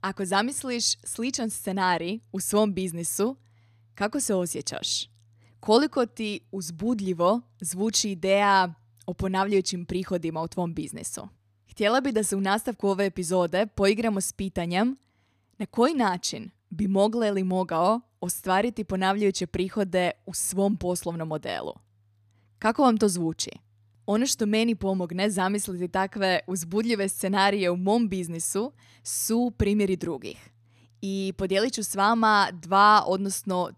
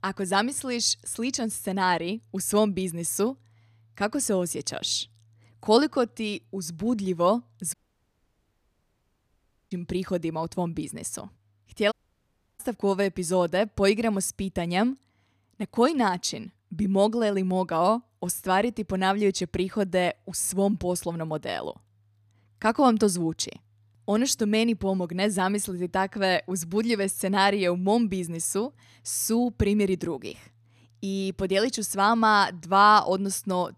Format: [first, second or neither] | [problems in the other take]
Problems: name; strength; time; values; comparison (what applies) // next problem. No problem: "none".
first | audio cutting out; at 7.5 s for 2 s and at 12 s for 0.5 s